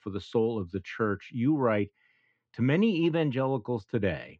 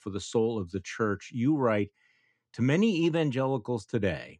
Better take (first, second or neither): second